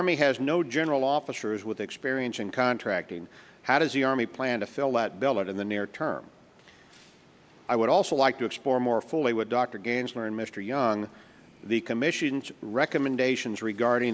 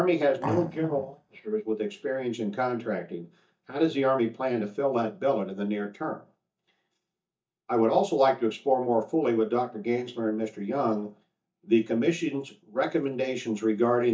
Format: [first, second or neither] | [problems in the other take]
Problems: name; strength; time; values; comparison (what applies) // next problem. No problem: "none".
first | noise reduction (neural mask model DeepFilterNet 3)